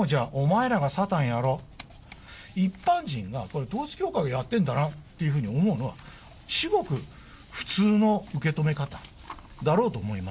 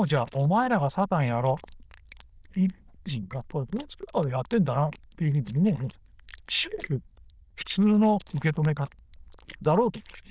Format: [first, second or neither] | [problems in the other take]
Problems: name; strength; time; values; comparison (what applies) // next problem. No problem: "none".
first | noise reduction (neural diffusion model UNIVERSE++)